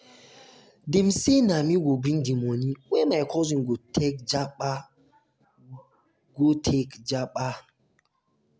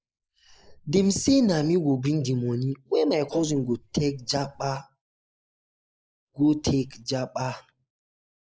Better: first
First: none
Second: noise reduction (neural mask model Resemble Enhance denoiser)

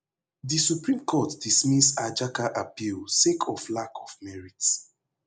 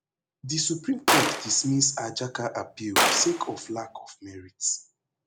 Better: first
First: none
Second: background sound (Gunshot, gunfire); 1 dB above the speech

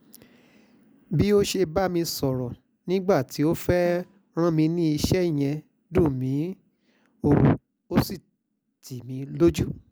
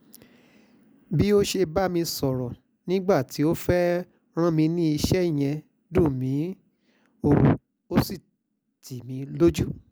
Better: second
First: background sound (Snare drum); 18 dB below the speech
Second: none

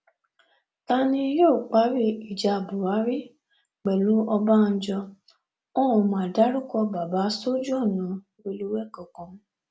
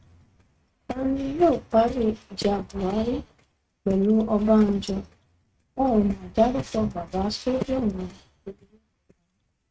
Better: first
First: none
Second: noise reduction (neural mask model RNNoise)

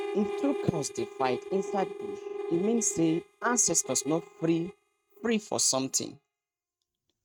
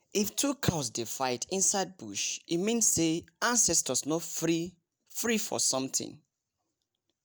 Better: second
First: noise reduction (neural mask model RNNoise)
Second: none

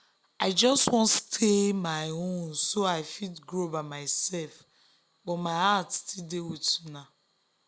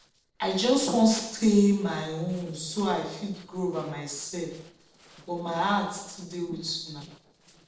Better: first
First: none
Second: noise reduction (neural separator model SepFormer DNS4)

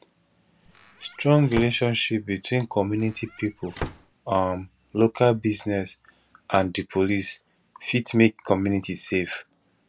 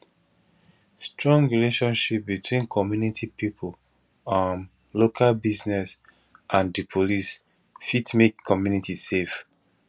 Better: second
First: background sound (Squeak / Slam / Wood); 13 dB below the speech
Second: none

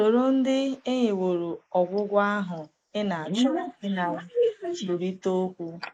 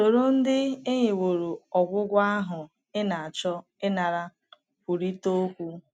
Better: second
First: noise reduction (neural mask model Resemble Enhance denoiser)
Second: none

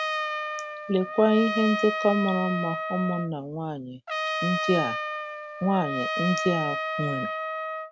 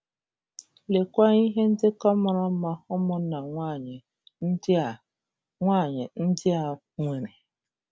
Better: second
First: background sound (Trumpet); 3 dB below the speech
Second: none

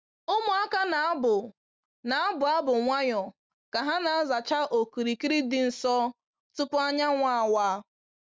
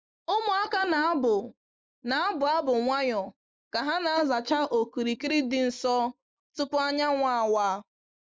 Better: first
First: none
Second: noise reduction (neural mask model Resemble Enhance denoiser)

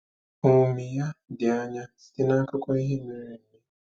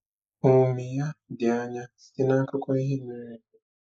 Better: first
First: none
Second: noise reduction (neural mask model Resemble Enhance denoiser)

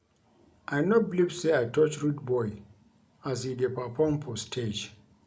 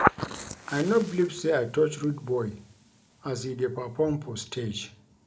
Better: first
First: none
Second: noise reduction (neural mask model Resemble Enhance denoiser)

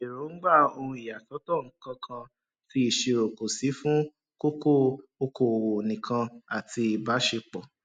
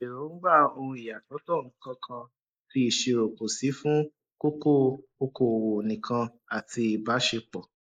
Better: first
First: none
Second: noise reduction (neural mask model Resemble Enhance denoiser)

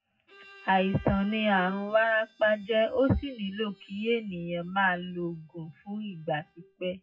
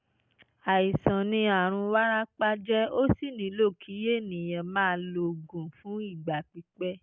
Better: second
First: noise reduction (classical method WPE with log-MMSE)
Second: none

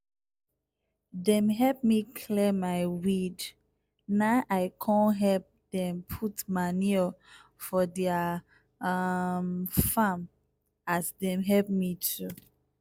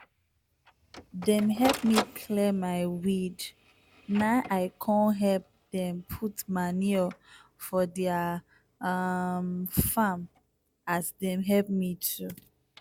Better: first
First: none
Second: background sound (Printer); 14 dB below the speech

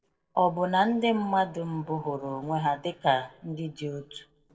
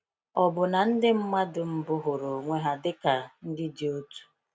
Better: second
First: noise reduction (neural separator model SepFormer DNS4)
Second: none

